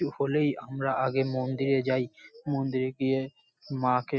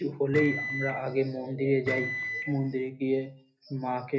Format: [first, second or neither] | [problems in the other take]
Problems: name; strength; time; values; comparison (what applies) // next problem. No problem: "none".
first | background sound (Microwave oven); 5 dB below the speech // room echo; dies away in 0.3 s